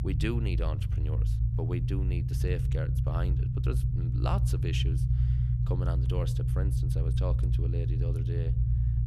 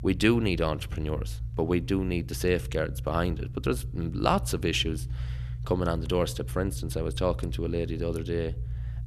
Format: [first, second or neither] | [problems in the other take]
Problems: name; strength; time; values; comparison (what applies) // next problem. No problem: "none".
second | low rumble; loud; throughout; 2 dB below the speech; faint in the second